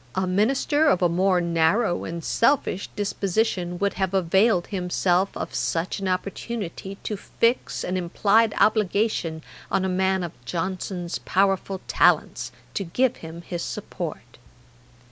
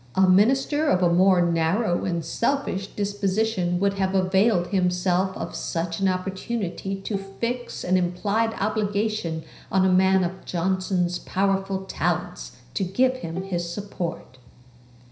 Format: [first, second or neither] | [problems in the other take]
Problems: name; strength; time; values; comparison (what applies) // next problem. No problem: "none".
first | background sound (Bowed string instrument); 17 dB below the speech // room echo; dies away in 0.5 s